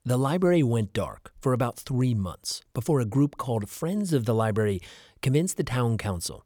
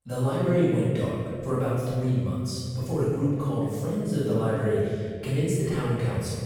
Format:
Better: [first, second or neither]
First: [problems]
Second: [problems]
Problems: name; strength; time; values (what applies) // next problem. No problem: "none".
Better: first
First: none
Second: room echo; strong; dies away in 2 s // off-mic speech; far